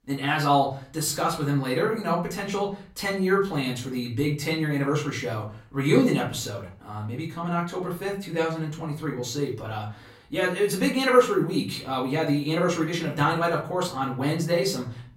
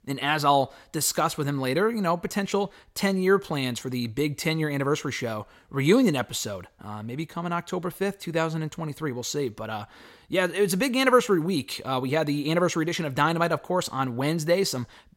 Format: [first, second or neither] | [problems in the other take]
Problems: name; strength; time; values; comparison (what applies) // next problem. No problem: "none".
second | off-mic speech; far // room echo; slight; dies away in 0.4 s